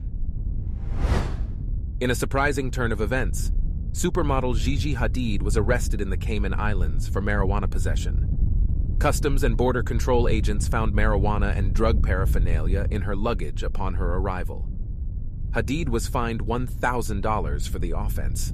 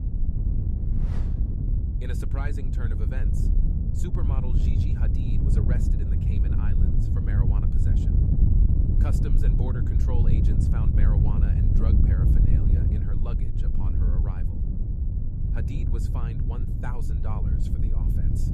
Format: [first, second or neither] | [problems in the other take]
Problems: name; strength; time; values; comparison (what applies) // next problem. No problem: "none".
first | wind noise on the microphone; heavy; 4 dB above the speech; occasional gusts in the first